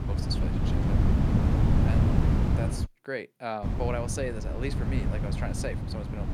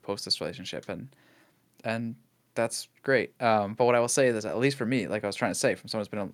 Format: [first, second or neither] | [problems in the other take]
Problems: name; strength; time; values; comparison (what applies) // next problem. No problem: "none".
second | wind noise on the microphone; heavy; until 3 s and from 3.5 s on; as loud as the speech